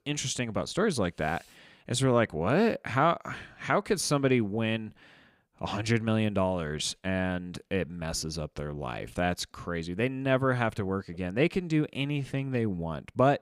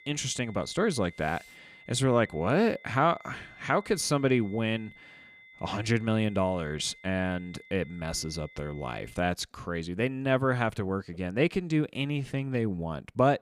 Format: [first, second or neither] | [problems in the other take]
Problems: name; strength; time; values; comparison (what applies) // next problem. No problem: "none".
first | high-pitched whine; faint; until 9 s; 2 kHz, 20 dB below the speech